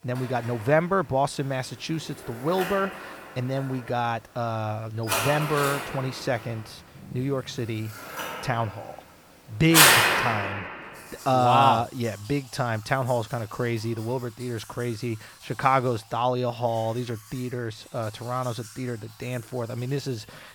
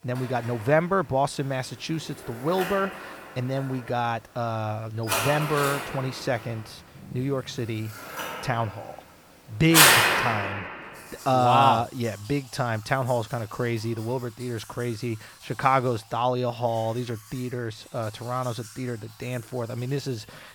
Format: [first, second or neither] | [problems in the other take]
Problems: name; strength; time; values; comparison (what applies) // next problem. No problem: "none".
neither | household noises; very loud; throughout; 4 dB above the speech; the same in both